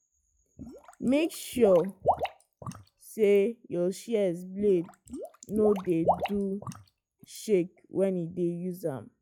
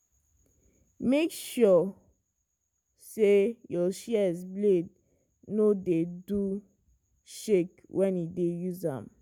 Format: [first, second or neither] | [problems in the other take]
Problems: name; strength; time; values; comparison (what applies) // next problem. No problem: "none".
second | noise reduction (classical method log-MMSE)